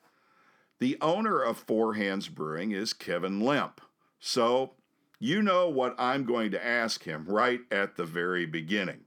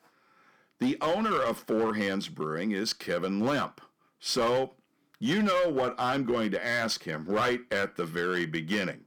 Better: first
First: none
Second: distortion; slight; 7% of the sound clipped

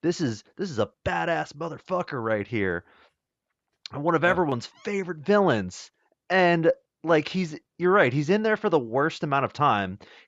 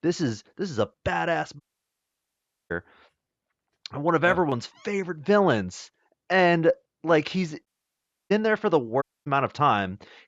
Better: first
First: none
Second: audio cutting out; at 1.5 s for 1 s, at 7.5 s for 0.5 s and at 9 s

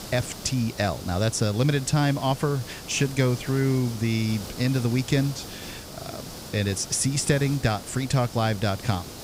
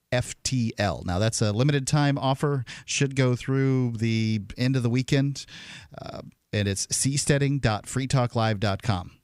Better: second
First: hiss; noticeable; throughout; 15 dB below the speech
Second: none

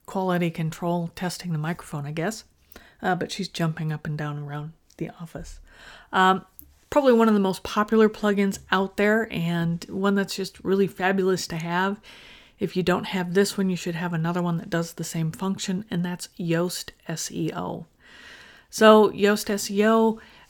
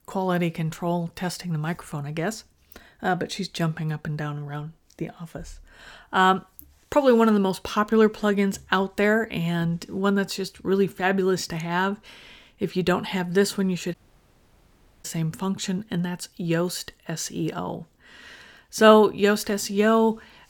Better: first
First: none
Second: audio cutting out; at 14 s for 1 s

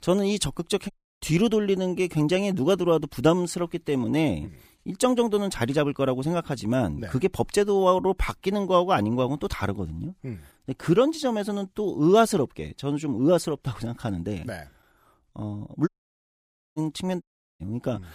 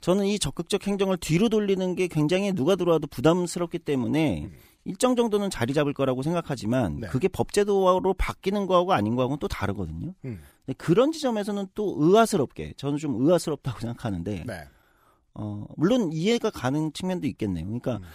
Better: second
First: audio cutting out; at 1 s, at 16 s for 1 s and at 17 s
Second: none

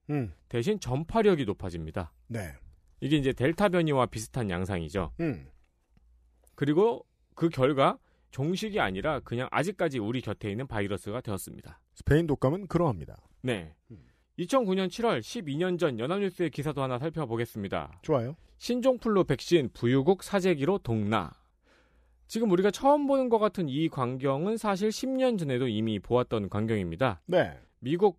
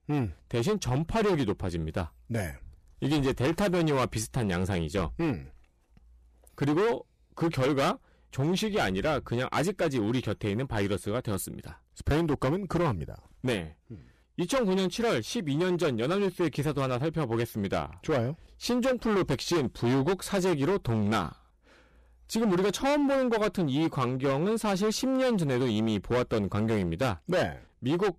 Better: first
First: none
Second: distortion; heavy; 16% of the sound clipped

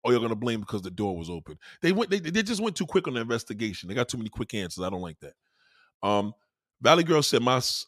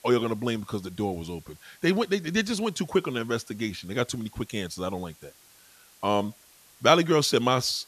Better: first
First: none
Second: hiss; faint; throughout; 25 dB below the speech

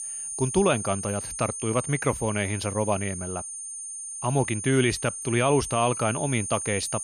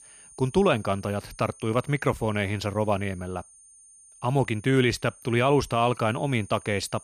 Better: second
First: high-pitched whine; loud; throughout; 9 kHz, 6 dB below the speech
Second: high-pitched whine; faint; throughout; 9 kHz, 25 dB below the speech

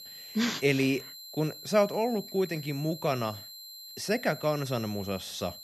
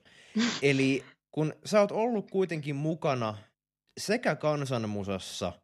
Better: second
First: high-pitched whine; noticeable; throughout; 4 kHz, 15 dB below the speech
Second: none

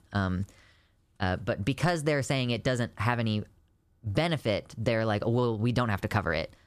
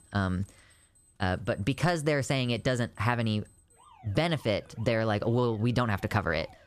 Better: first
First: none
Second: alarms or sirens; faint; throughout; 30 dB below the speech

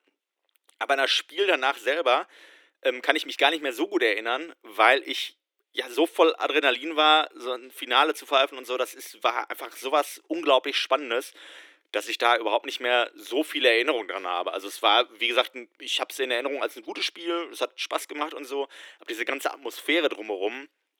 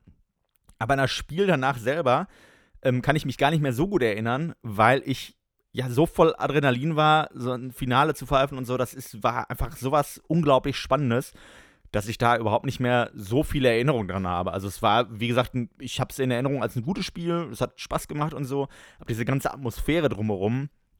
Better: second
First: thin; very; fading below 300 Hz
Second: none

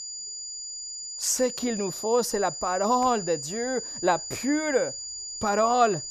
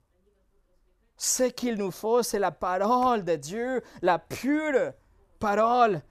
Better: second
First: high-pitched whine; loud; throughout; 7 kHz, 7 dB below the speech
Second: none

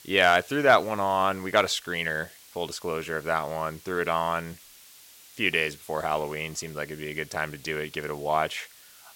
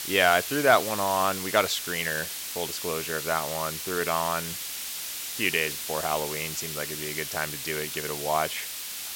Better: first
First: hiss; faint; throughout; 20 dB below the speech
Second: hiss; loud; throughout; 4 dB below the speech

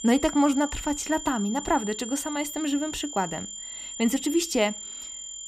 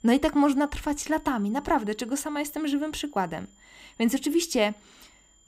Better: second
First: high-pitched whine; loud; throughout; 7 kHz, 9 dB below the speech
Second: high-pitched whine; faint; throughout; 7 kHz, 30 dB below the speech

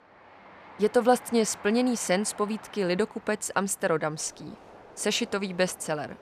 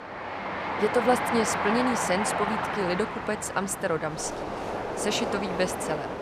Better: first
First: train or aircraft noise; faint; throughout; 20 dB below the speech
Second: train or aircraft noise; loud; throughout; 2 dB below the speech

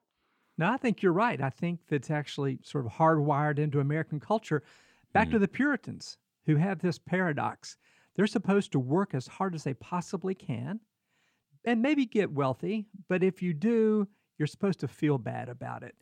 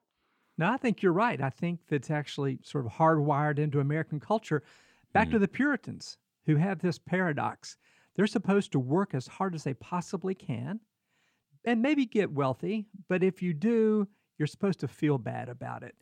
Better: neither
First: none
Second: none

